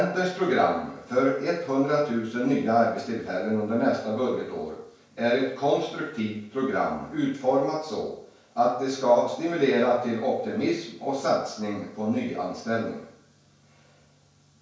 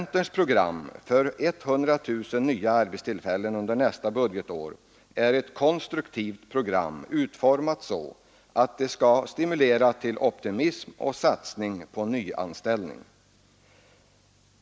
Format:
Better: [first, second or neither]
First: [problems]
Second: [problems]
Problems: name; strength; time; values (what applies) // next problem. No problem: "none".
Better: second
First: room echo; dies away in 0.5 s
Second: none